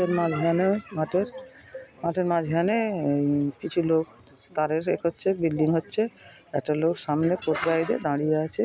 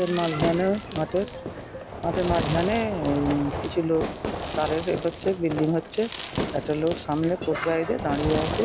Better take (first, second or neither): first